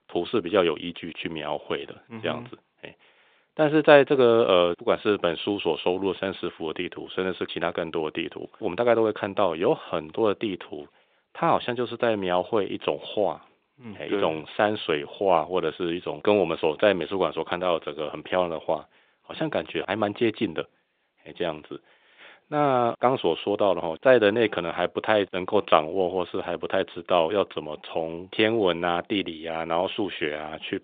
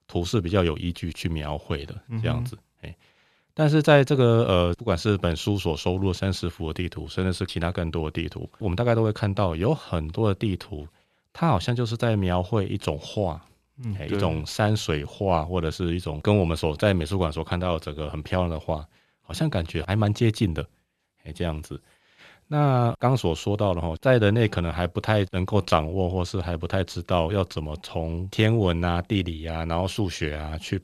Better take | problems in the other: second | phone-call audio; nothing above 3.5 kHz

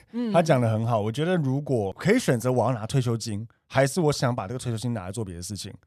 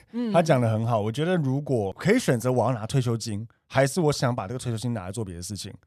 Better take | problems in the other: neither | none

